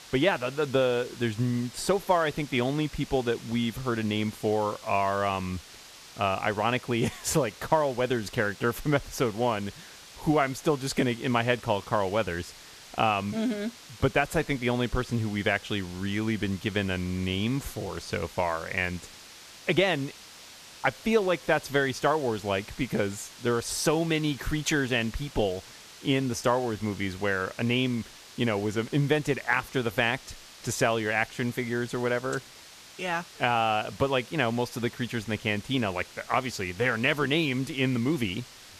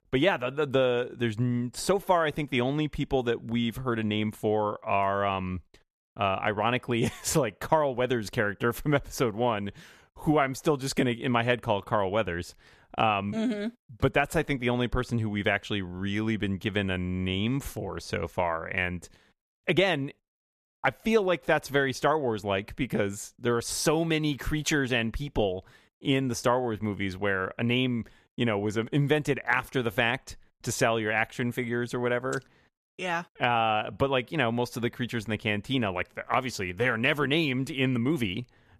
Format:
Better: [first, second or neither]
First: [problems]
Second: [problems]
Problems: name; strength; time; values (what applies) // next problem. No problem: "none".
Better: second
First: hiss; noticeable; throughout; 20 dB below the speech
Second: none